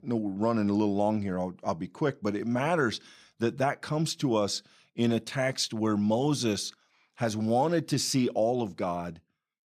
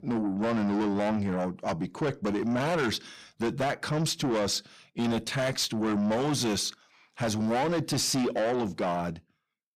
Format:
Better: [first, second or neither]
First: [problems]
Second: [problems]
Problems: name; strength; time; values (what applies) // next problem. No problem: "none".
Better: first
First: none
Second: distortion; heavy; 7 dB below the speech